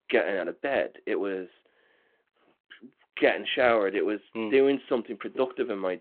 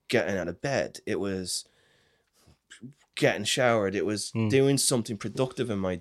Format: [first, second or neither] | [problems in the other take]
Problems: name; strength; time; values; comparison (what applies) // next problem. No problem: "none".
second | phone-call audio